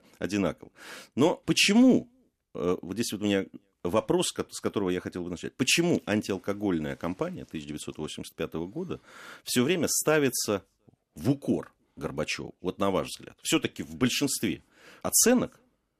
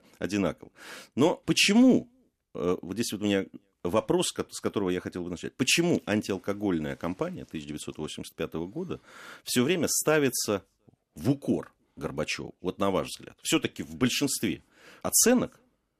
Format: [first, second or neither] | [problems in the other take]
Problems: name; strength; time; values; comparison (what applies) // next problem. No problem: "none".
neither | none